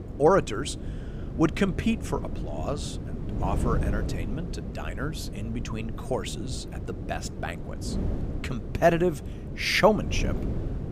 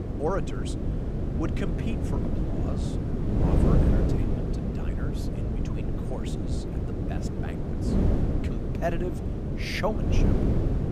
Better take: first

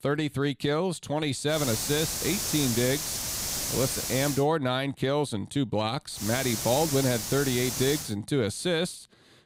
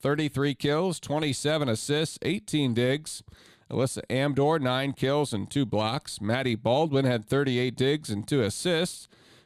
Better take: second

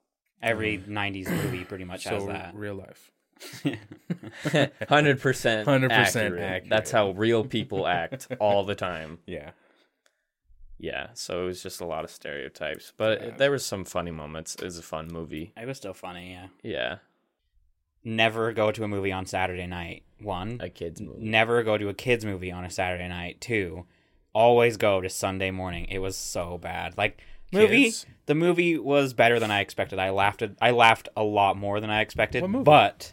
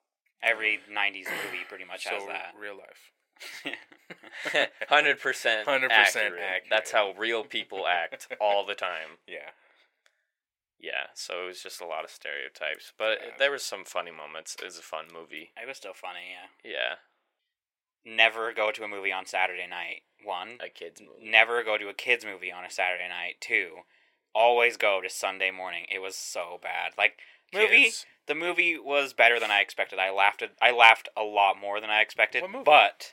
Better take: first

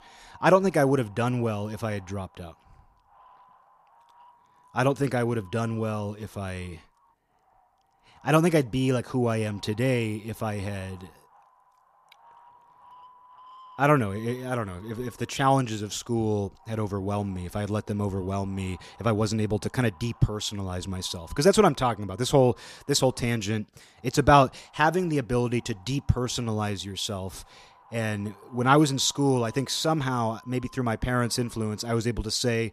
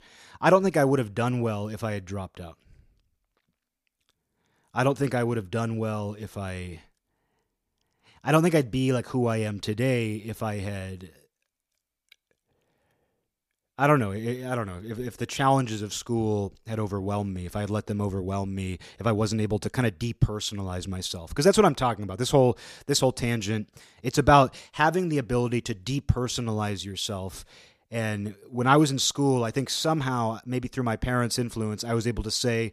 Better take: second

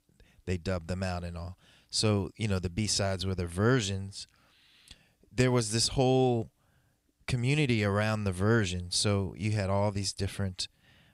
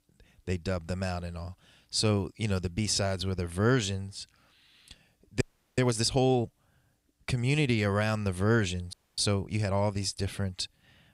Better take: first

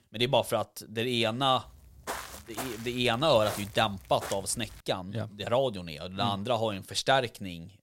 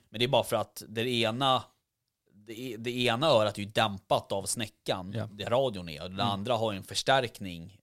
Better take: second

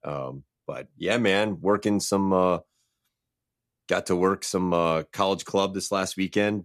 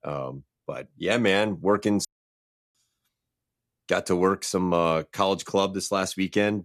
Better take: first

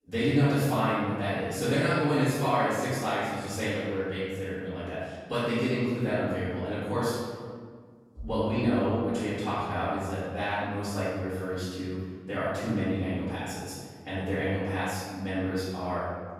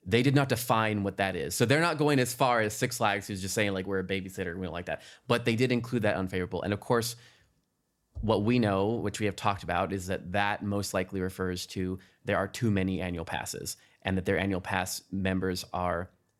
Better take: second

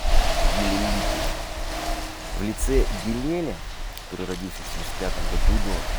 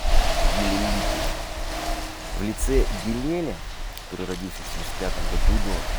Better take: neither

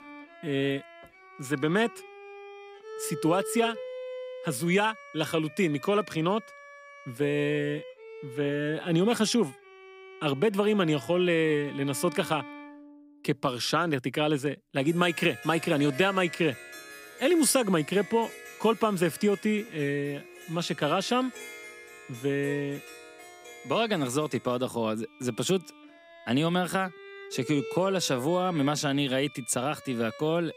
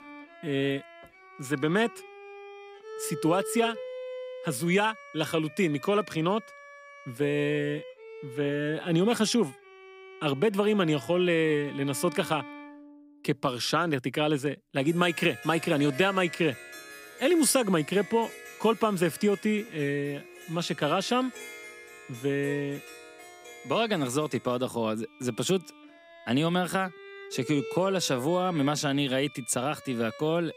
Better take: neither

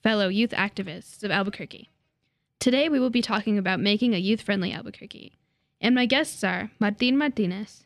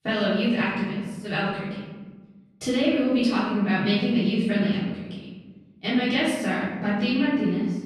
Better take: first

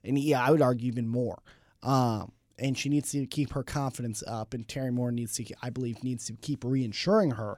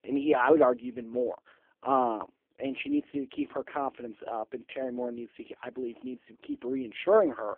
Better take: first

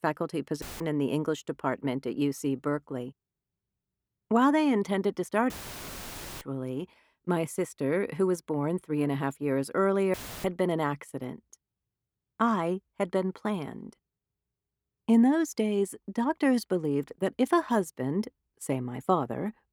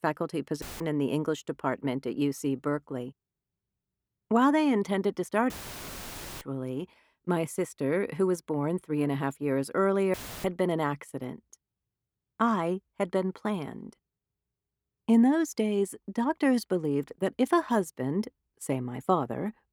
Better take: neither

